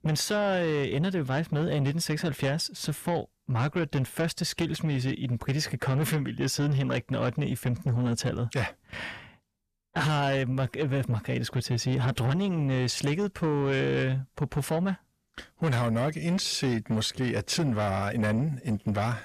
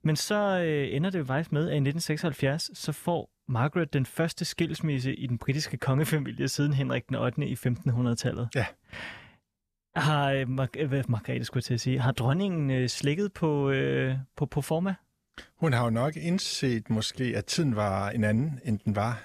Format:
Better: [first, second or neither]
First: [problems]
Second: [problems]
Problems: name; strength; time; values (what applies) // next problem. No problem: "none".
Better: second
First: distortion; slight; 10 dB below the speech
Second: none